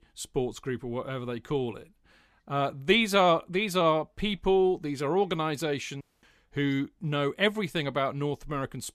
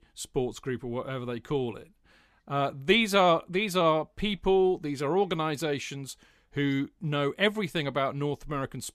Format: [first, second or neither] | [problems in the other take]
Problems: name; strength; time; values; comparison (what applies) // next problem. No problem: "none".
second | audio cutting out; at 6 s